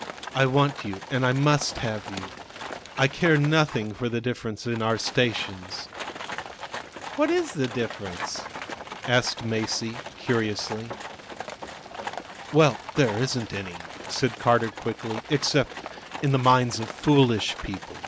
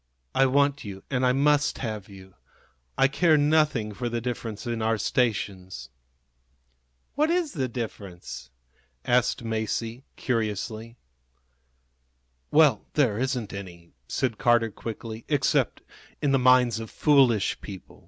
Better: second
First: background sound (Livestock, farm animals, working animals); 12 dB below the speech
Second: none

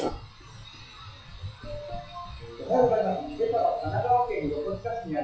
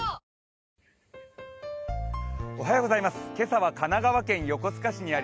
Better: second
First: noise reduction (classical method WPE with log-MMSE)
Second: none

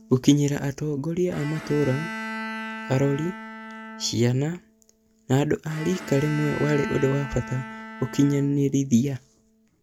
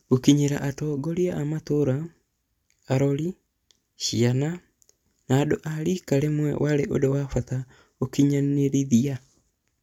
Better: second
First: background sound (Bowed string instrument); 12 dB below the speech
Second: none

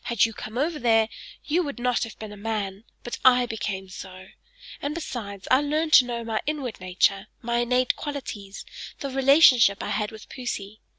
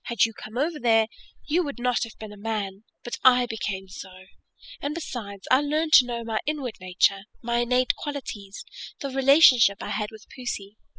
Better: first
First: none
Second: noise reduction (classical method spectral subtraction)

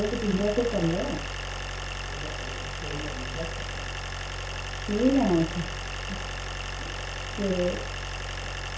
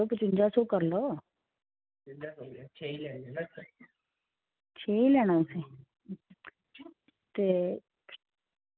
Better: second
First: background sound (Idling); 3 dB below the speech // room echo; dies away in 0.6 s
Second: none

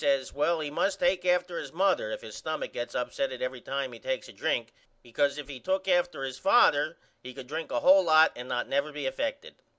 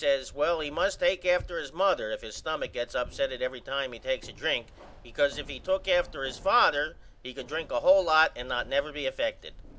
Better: first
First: none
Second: background sound (Keys jangling); 19 dB below the speech

